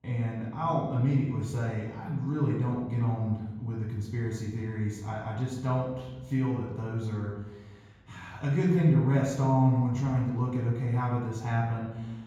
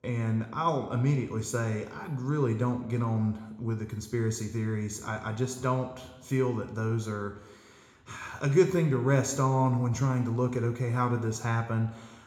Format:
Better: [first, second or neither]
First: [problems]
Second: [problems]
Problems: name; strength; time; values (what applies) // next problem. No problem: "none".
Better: second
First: room echo; strong; dies away in 1.3 s // off-mic speech; far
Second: room echo; slight; dies away in 0.7 s // off-mic speech; somewhat distant